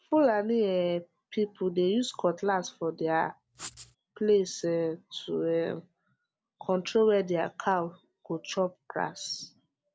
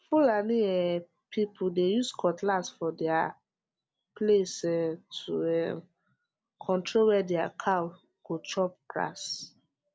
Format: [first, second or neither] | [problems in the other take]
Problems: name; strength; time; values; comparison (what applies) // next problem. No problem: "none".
second | background sound (Writing); 16 dB below the speech